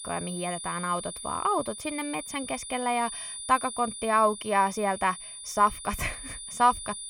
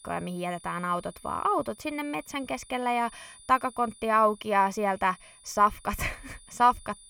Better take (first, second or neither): second